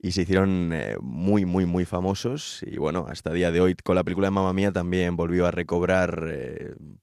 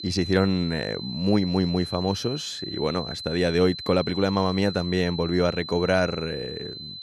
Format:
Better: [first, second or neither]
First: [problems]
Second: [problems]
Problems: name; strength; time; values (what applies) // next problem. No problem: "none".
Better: first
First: none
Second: high-pitched whine; loud; throughout; 4 kHz, 9 dB below the speech